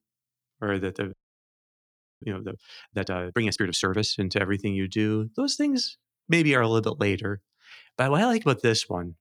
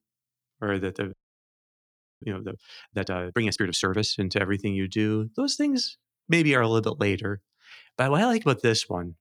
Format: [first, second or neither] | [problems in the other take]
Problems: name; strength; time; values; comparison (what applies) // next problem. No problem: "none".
neither | audio freezing; at 1 s for 1 s; the same in both